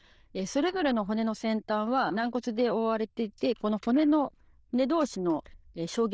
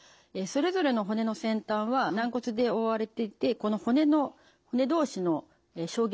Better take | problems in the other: second | noise reduction (neural diffusion model UNIVERSE++)

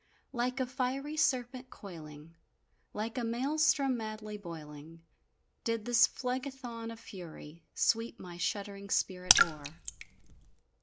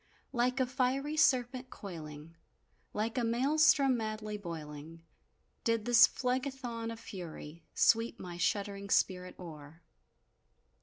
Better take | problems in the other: second | background sound (Raindrop / Splash, splatter); 4 dB above the speech

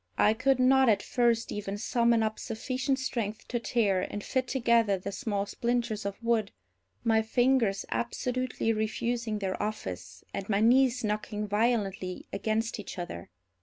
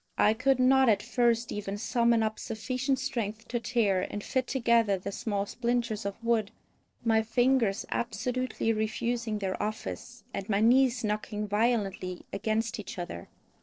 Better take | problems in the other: first | noise reduction (neural separator model SepFormer DNS4)

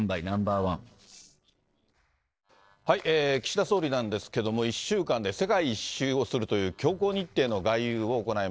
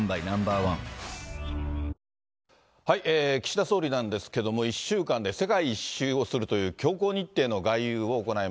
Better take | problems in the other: second | noise reduction (neural separator model SepFormer DNS4)

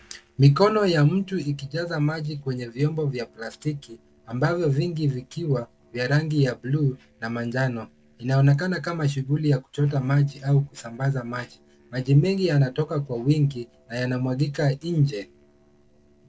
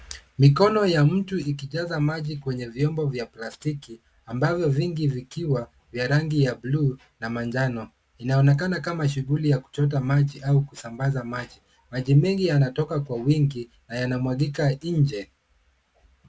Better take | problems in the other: second | noise reduction (neural separator model SepFormer DNS4)

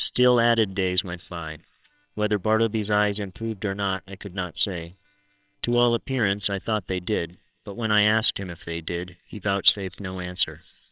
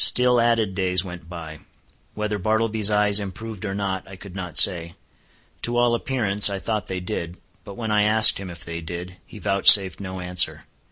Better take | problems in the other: second | noise reduction (neural separator model SepFormer WHAMR!)

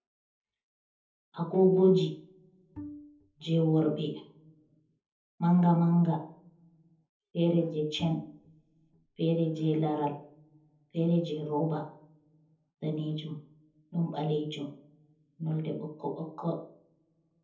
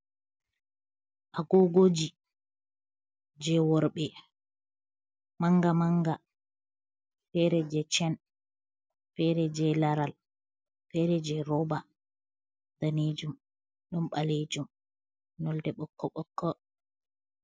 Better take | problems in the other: second | background sound (Bowed string instrument); 17 dB below the speech // room echo; dies away in 0.6 s

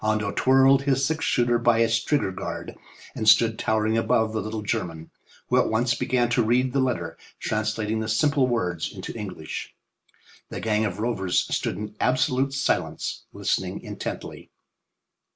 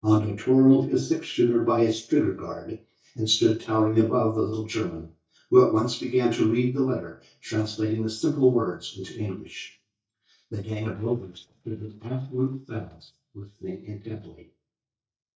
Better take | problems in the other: first | noise reduction (neural mask model DeepFilterNet 3)

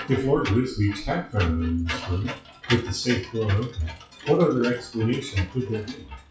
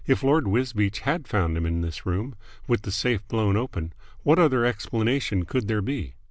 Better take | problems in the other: second | noise reduction (classical method WPE with log-MMSE)

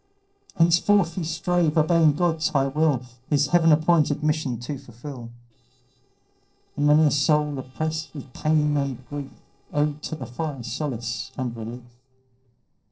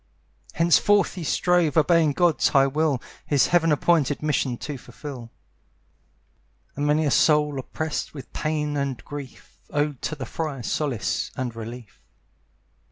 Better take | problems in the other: second | noise reduction (neural separator model SepFormer DNS4)

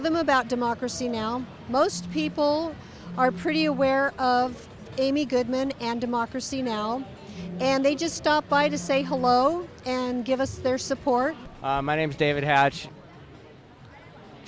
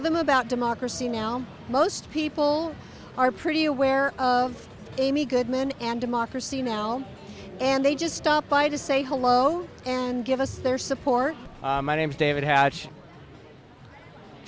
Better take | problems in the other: second | background sound (Telephone); 14 dB below the speech

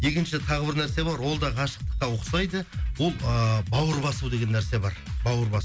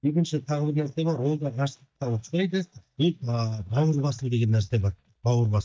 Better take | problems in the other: first | noise reduction (neural mask model DeepFilterNet 3)

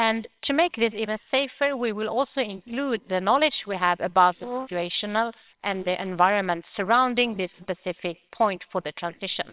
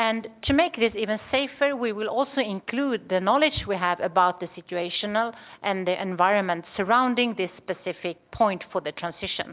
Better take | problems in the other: second | noise reduction (neural separator model SepFormer WHAMR!)

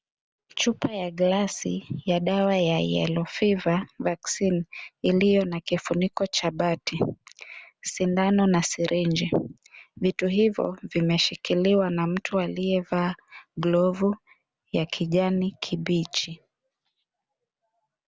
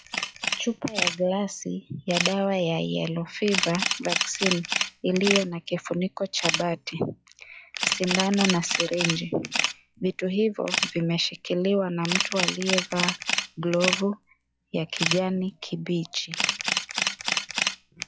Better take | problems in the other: first | noise reduction (classical method log-MMSE)

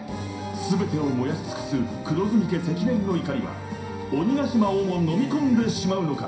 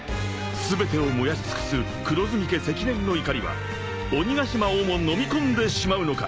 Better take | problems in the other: second | room echo; dies away in 0.5 s

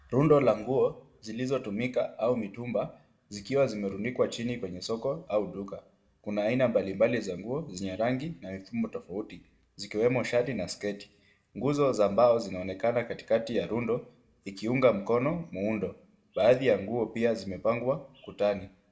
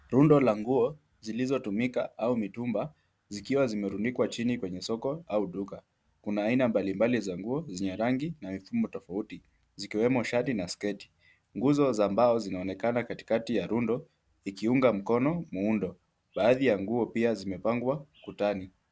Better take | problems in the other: second | room echo; dies away in 0.5 s

